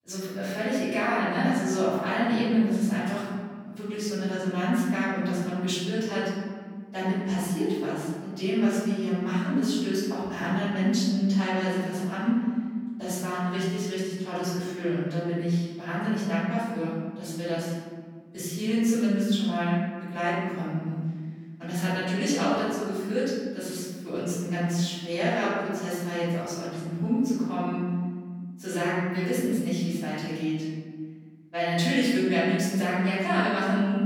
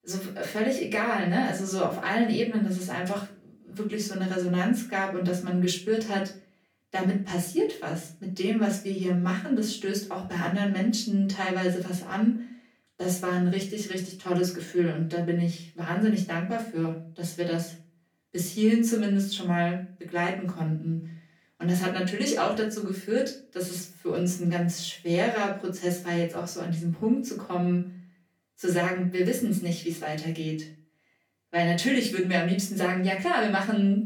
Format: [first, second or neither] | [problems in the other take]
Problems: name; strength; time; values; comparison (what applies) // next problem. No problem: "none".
second | room echo; strong; dies away in 1.8 s; slight in the second // off-mic speech; far; far in the second